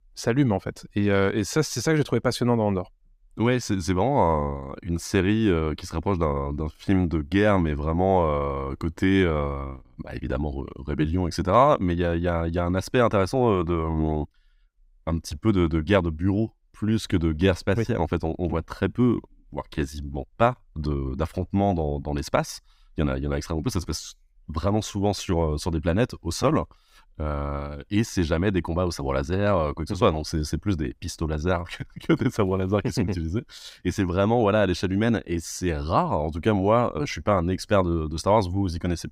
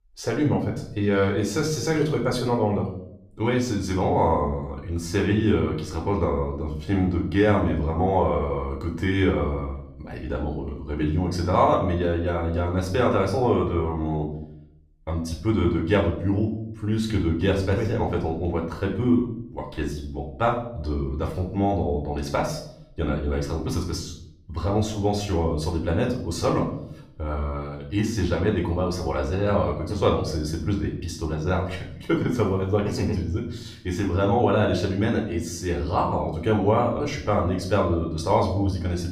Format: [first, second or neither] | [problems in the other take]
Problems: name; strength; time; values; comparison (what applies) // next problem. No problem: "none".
first | room echo; slight; dies away in 0.6 s // off-mic speech; somewhat distant